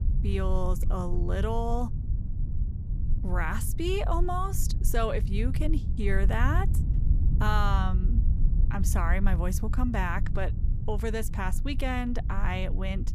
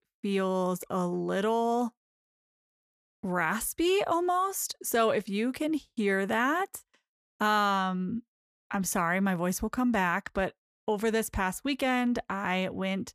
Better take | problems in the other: second | low rumble; noticeable; throughout; 15 dB below the speech

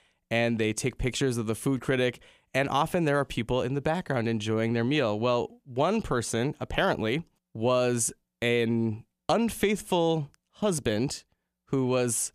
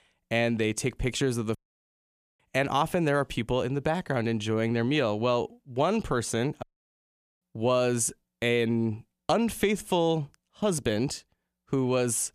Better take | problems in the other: first | audio cutting out; at 1.5 s for 1 s and at 6.5 s for 1 s

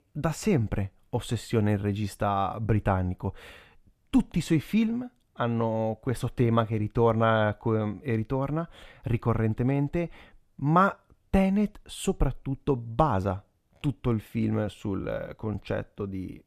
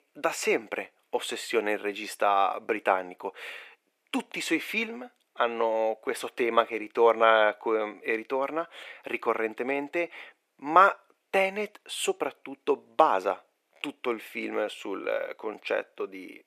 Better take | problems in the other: first | thin; very; fading below 350 Hz

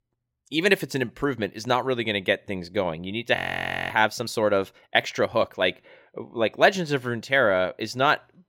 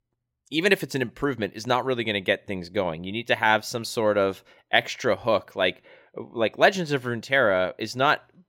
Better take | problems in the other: second | audio freezing; at 3.5 s for 0.5 s

